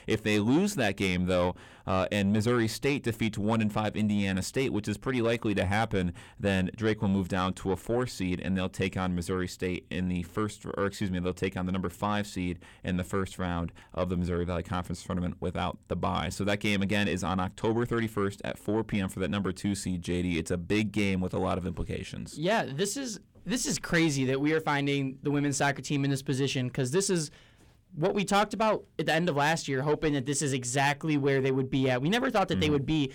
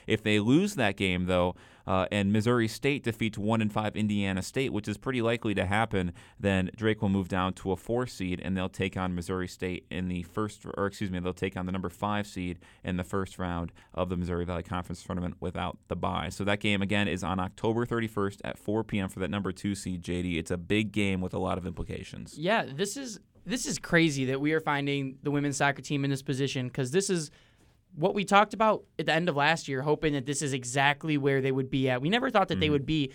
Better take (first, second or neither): second